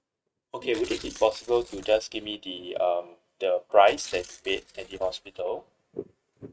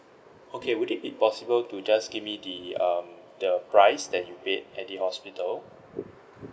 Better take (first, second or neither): second